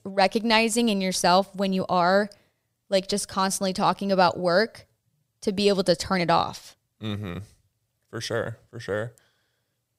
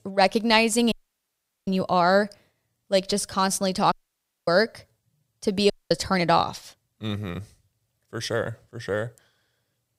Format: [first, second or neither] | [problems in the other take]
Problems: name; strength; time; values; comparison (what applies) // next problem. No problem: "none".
first | audio cutting out; at 1 s for 0.5 s, at 4 s for 0.5 s and at 5.5 s